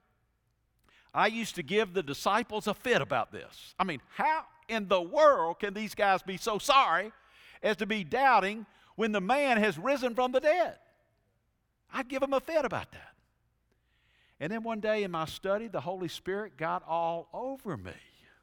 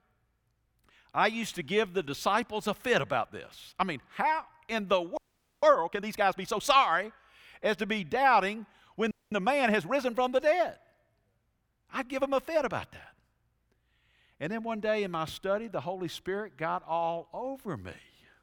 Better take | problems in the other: first | audio freezing; at 5 s and at 9 s

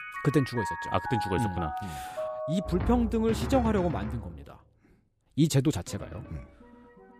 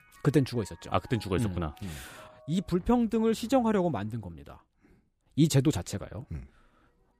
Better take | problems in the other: second | background music; loud; throughout; 6 dB below the speech; faint in the second

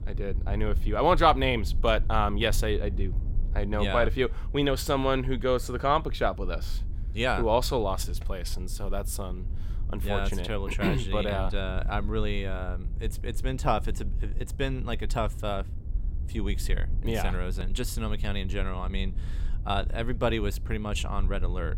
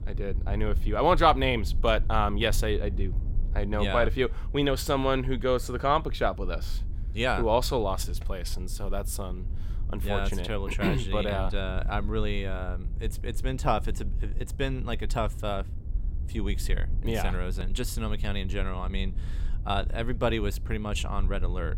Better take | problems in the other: neither | low rumble; faint; throughout; 25 dB below the speech; the same in both

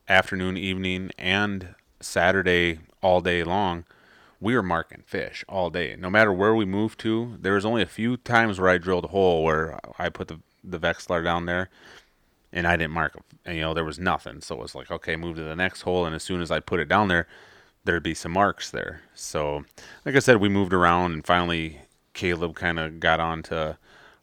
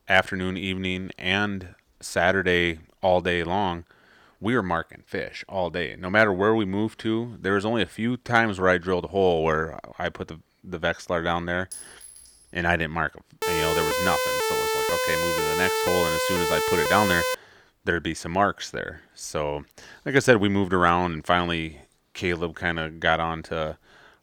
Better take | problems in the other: first | clattering dishes; faint; at 12 s; peak 15 dB below the speech // siren; loud; from 13 to 17 s; peak 1 dB above the speech

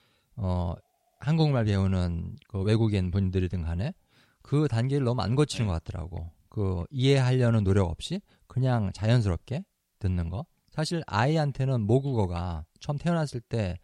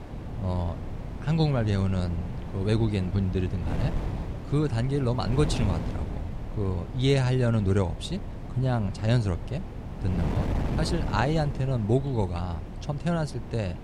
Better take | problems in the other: first | wind noise on the microphone; heavy; 9 dB below the speech

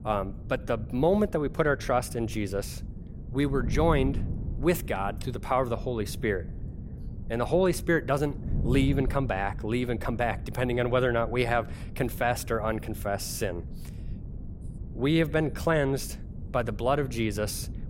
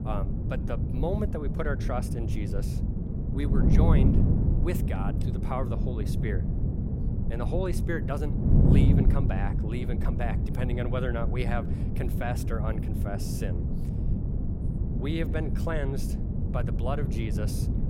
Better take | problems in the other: first | wind noise on the microphone; heavy; 3 dB below the speech; occasional gusts in the first

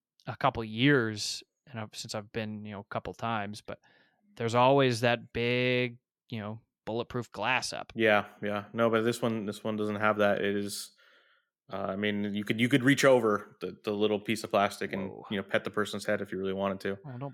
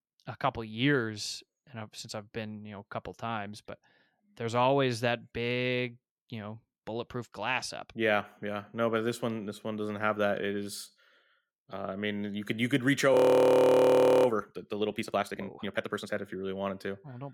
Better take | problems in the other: first | audio freezing; at 13 s for 1 s

